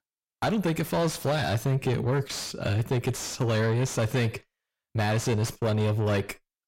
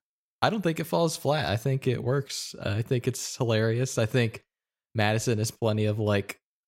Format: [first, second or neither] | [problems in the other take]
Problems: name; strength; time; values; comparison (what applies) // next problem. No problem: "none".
second | distortion; heavy; 6 dB below the speech